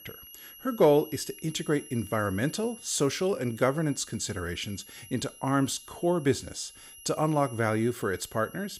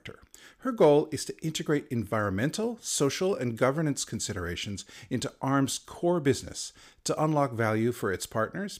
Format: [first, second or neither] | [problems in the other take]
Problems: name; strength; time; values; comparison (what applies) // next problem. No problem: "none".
second | high-pitched whine; noticeable; throughout; 11 kHz, 20 dB below the speech